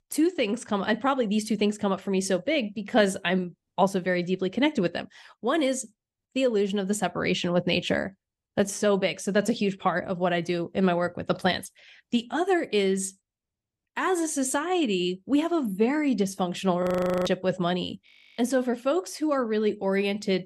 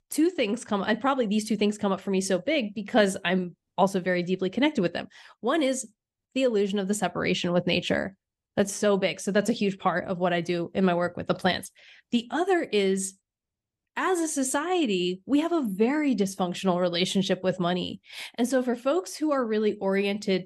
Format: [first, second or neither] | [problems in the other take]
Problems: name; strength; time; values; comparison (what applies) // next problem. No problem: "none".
second | audio freezing; at 17 s and at 18 s